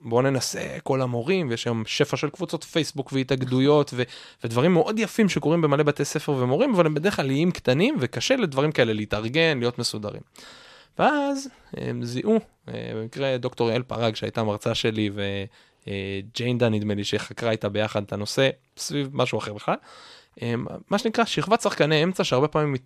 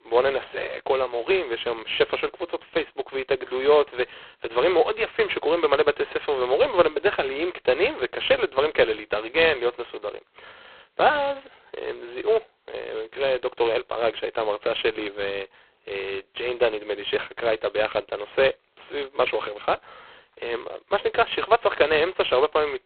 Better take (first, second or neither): first